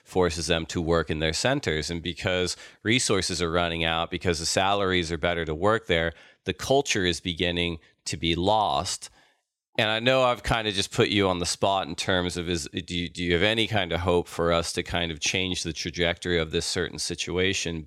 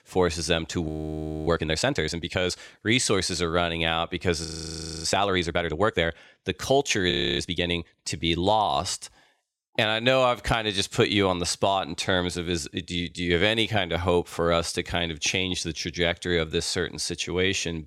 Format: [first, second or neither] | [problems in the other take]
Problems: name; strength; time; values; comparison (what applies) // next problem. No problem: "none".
first | audio freezing; at 1 s for 0.5 s, at 4.5 s for 0.5 s and at 7 s